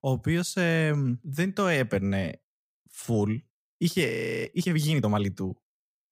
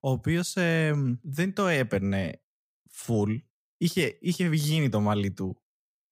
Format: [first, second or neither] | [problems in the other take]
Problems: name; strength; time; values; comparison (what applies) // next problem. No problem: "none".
second | audio freezing; at 4 s